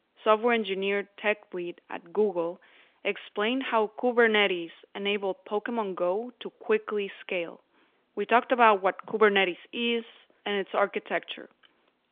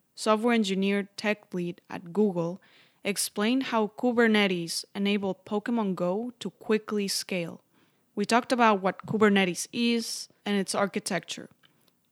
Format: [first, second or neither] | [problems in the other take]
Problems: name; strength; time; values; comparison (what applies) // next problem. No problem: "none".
second | phone-call audio; nothing above 3.5 kHz